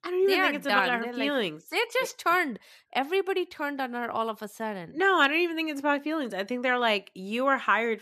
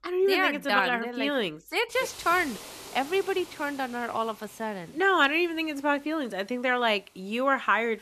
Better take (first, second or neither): first